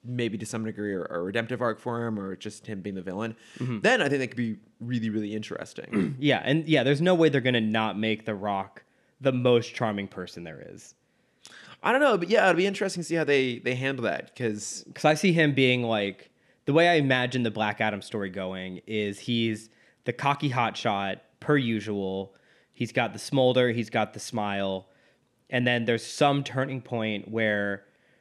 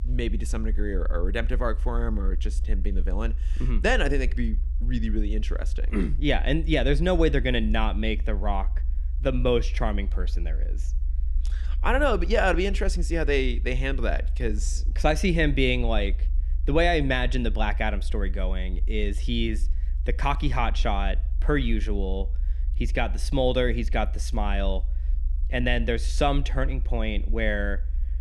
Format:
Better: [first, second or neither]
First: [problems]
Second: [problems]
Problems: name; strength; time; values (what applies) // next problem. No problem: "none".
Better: first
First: none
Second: low rumble; faint; throughout; 25 dB below the speech